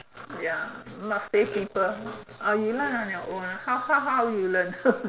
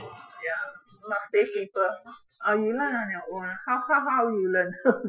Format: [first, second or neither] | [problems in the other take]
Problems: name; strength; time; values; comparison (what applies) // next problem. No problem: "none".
first | noise reduction (classical method Wiener filter)